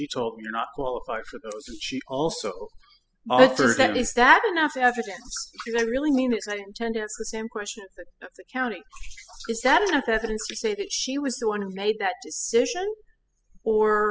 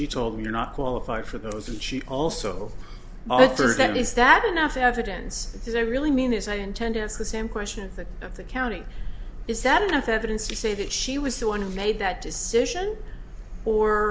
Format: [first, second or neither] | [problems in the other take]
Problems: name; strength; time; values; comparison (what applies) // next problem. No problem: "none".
second | noise reduction (classical method spectral subtraction)